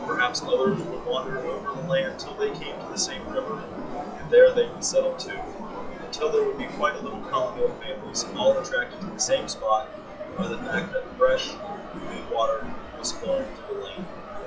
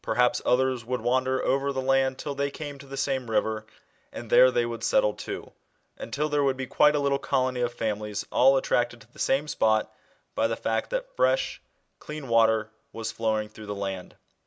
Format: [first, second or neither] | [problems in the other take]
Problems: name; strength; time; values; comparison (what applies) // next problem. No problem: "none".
second | noise reduction (classical method WPE with log-MMSE)